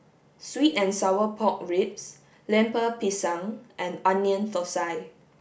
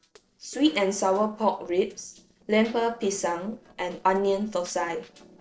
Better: first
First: none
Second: noise reduction (neural separator model SepFormer DNS4)

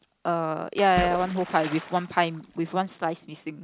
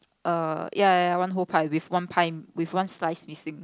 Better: second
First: background sound (Splash, splatter); 11 dB below the speech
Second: none

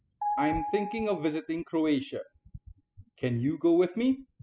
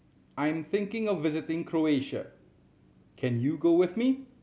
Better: second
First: noise reduction (classical method spectral subtraction)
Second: none

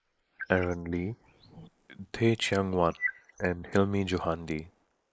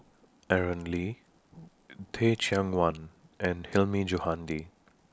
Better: second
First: noise reduction (neural mask model Resemble Enhance denoiser)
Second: none

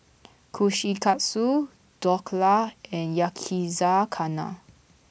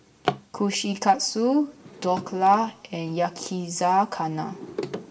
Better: first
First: none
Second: background sound (Drawer open or close); 12 dB below the speech // room echo; dies away in 0.6 s

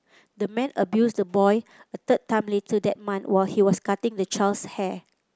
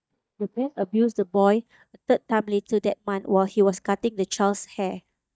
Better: first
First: none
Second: noise reduction (neural mask model DeepFilterNet 3)

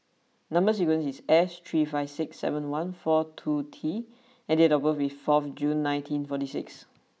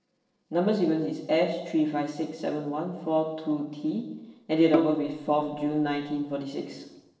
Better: first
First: none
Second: noise reduction (neural separator model SepFormer DNS4)

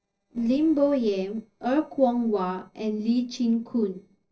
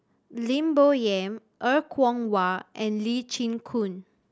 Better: second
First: noise reduction (neural separator model SepFormer DNS4)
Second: none

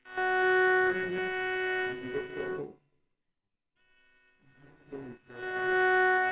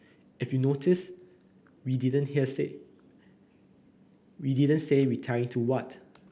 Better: second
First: noise reduction (neural separator model SepFormer WHAMR!)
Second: none

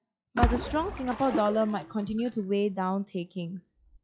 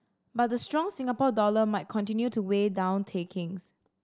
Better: second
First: noise reduction (classical method log-MMSE)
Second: none

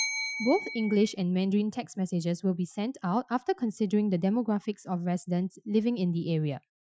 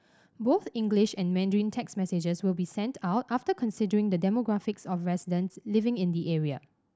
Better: second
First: noise reduction (classical method Wiener filter)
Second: none

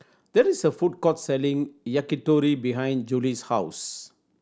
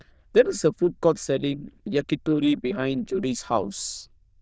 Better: first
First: none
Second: noise reduction (neural diffusion model UNIVERSE++)

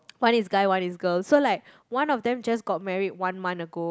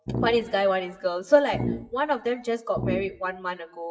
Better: first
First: none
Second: noise reduction (classical method WPE with log-MMSE)

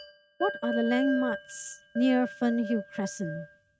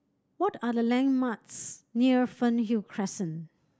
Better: second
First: noise reduction (neural mask model RNNoise)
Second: none

